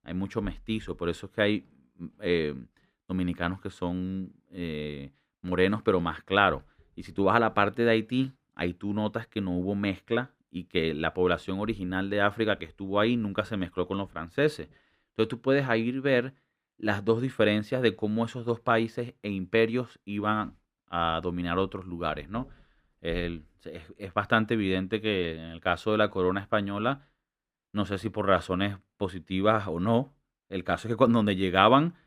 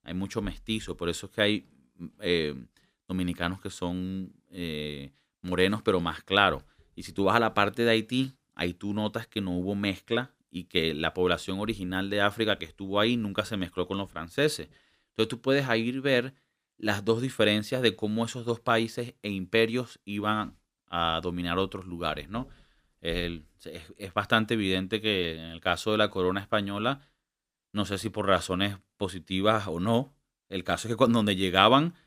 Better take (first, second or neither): second